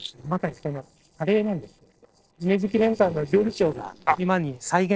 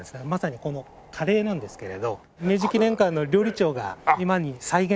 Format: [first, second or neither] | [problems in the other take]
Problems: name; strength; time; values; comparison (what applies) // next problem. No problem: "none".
second | noise reduction (neural separator model SepFormer DNS4)